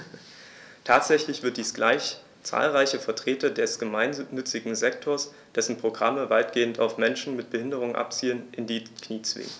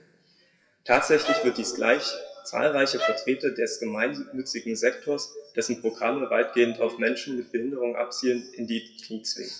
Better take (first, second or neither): first